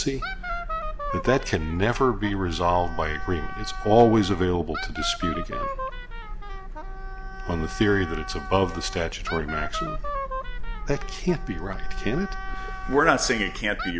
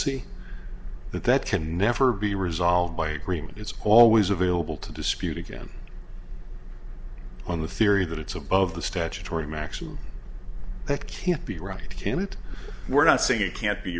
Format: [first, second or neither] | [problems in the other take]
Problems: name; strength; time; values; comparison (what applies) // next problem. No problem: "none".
second | background sound (Wind instrument, woodwind instrument); 11 dB below the speech